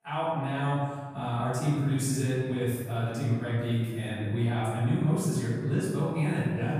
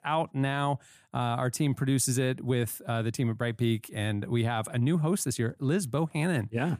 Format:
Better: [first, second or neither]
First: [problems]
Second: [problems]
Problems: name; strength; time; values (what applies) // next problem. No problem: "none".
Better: second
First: room echo; strong; dies away in 1.4 s // off-mic speech; far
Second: none